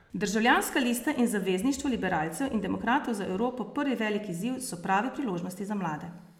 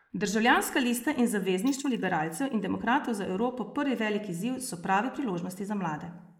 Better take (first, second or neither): first